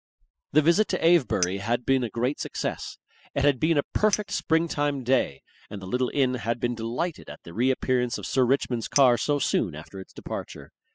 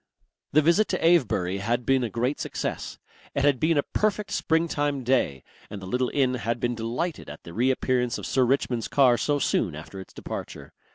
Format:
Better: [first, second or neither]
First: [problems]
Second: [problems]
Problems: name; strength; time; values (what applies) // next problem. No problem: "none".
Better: second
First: noise reduction (classical method spectral subtraction)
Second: none